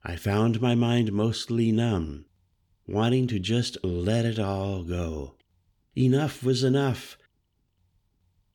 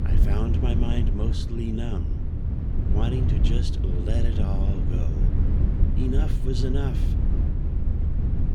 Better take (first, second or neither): first